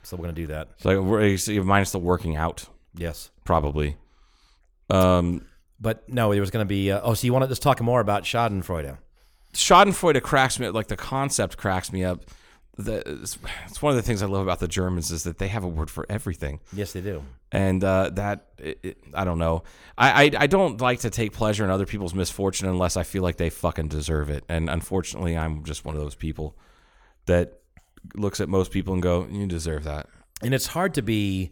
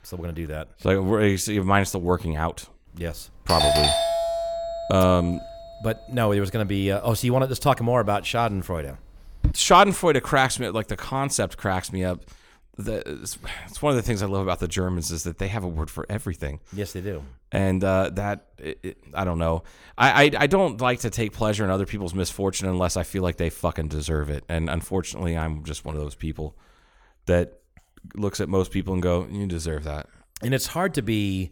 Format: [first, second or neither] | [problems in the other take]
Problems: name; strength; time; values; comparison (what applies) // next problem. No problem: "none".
first | doorbell; loud; from 3.5 to 9.5 s; peak 5 dB above the speech